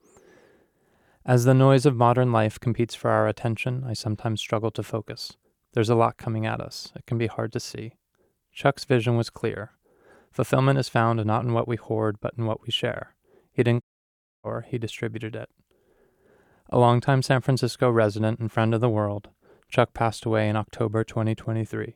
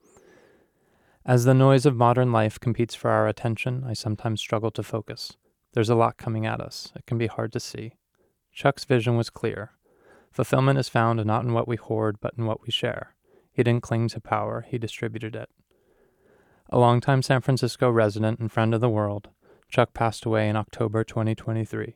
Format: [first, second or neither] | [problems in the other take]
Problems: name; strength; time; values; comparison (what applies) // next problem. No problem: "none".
second | audio cutting out; at 14 s for 0.5 s